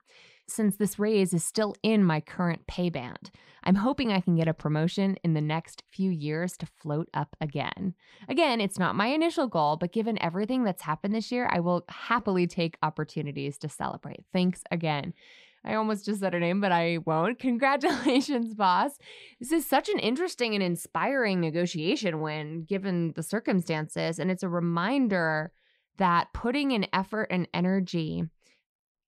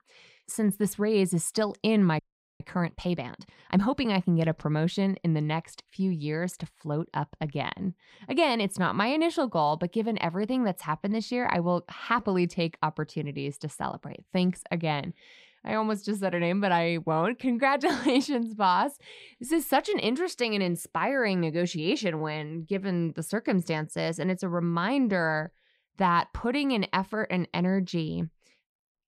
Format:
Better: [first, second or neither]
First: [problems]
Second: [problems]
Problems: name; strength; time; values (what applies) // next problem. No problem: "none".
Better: first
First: none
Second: audio freezing; at 2 s